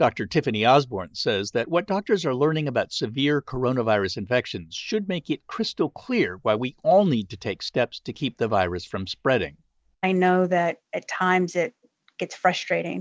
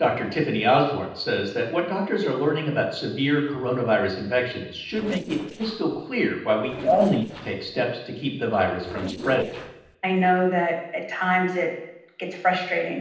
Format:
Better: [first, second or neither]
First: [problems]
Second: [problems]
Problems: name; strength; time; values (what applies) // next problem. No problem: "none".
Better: first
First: none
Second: noise reduction (neural separator model SepFormer DNS4)